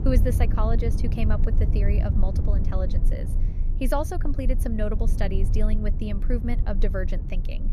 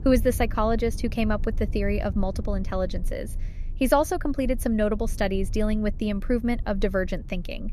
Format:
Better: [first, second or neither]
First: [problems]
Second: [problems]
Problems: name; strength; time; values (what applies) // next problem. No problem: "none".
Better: second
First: low rumble; loud; throughout; 9 dB below the speech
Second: low rumble; faint; throughout; 25 dB below the speech